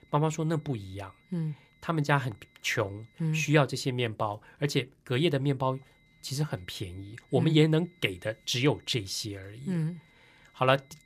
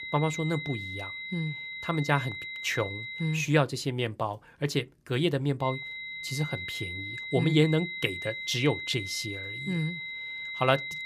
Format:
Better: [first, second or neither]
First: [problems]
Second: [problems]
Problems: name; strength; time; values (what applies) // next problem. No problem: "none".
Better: first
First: high-pitched whine; faint; until 3.5 s and from 5.5 s on; 2 kHz, 35 dB below the speech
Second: high-pitched whine; loud; until 3.5 s and from 5.5 s on; 2 kHz, 6 dB below the speech